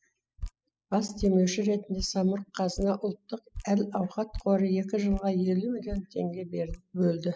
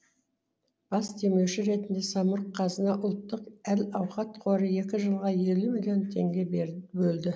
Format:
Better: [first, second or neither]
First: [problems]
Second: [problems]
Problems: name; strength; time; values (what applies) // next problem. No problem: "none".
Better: second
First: noise reduction (classical method spectral subtraction)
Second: none